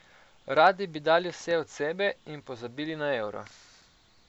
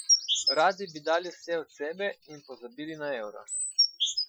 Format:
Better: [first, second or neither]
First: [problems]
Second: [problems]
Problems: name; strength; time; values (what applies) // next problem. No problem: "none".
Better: first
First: none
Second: noise reduction (classical method Wiener filter)